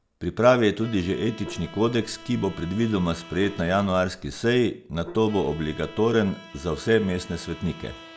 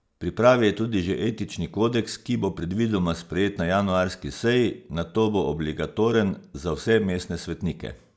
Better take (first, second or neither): second